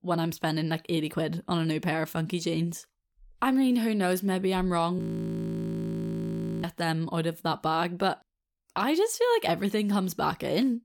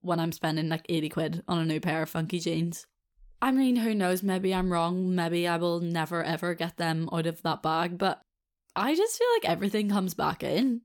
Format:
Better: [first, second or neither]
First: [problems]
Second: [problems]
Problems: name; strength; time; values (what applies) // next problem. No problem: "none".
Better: second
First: audio freezing; at 5 s for 1.5 s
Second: none